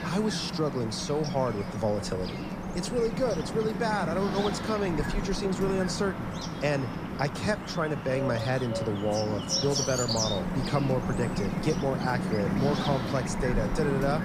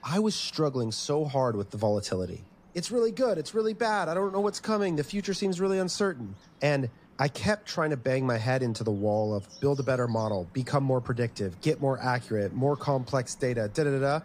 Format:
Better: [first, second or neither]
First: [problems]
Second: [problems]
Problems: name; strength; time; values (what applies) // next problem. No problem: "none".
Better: second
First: animal sounds; loud; throughout; 2 dB below the speech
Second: animal sounds; faint; throughout; 25 dB below the speech